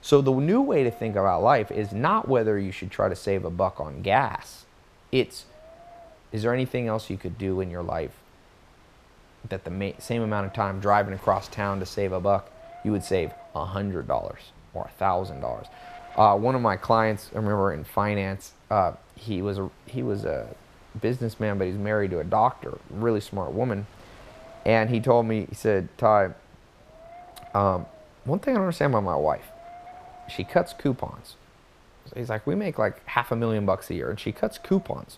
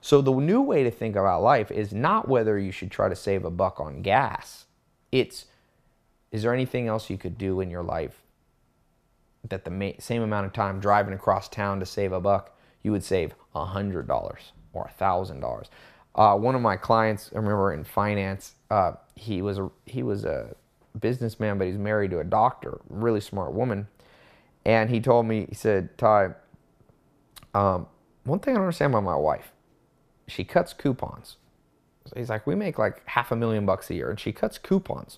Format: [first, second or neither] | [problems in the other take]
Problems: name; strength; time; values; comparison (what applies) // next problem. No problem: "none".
second | wind noise on the microphone; occasional gusts; 25 dB below the speech